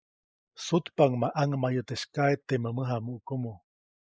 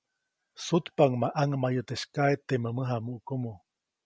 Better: second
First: noise reduction (neural mask model Resemble Enhance denoiser)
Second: none

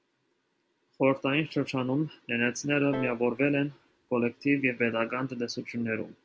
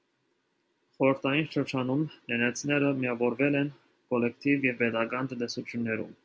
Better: second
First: background sound (Piano); 16 dB below the speech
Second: none

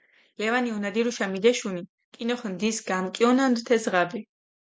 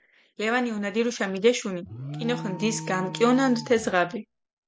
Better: first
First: none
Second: background sound (Alarm); 14 dB below the speech

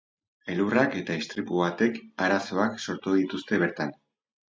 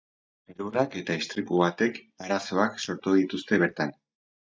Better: first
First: none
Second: noise reduction (neural mask model DeepFilterNet 3)

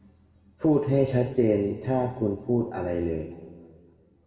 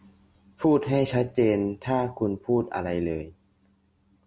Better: second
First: room echo; dies away in 1.7 s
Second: none

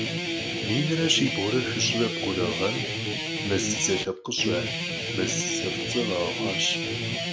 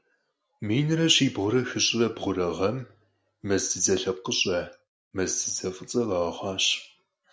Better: second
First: background sound (Guitar); 1 dB below the speech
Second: none

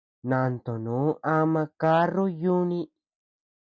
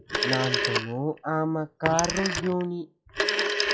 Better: first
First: none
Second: noise reduction (classical method log-MMSE)

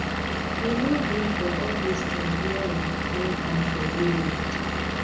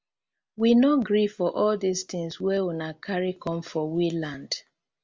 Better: second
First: background sound (Engine / Vehicle); 2 dB above the speech // room echo; dies away in 0.6 s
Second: none

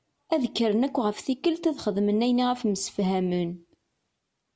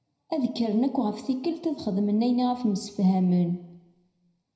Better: first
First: none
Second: room echo; dies away in 0.6 s

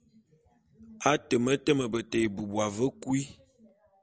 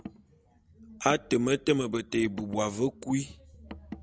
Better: first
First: none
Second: background sound (Car); 17 dB below the speech

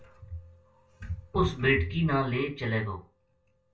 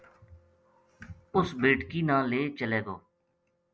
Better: second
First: room echo; dies away in 0.2 s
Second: none

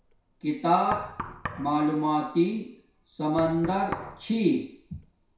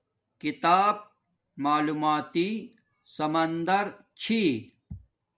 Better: second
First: background sound (Knock); 14 dB below the speech // room echo; dies away in 0.6 s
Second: none

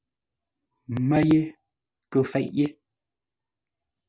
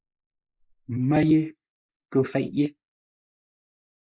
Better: first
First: none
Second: noise reduction (neural mask model Resemble Enhance denoiser)

